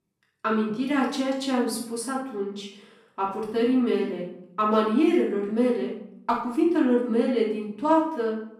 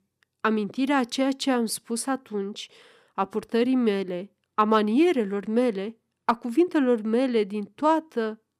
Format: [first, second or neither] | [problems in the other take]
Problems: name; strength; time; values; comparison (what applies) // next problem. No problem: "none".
second | off-mic speech; far // room echo; noticeable; dies away in 0.6 s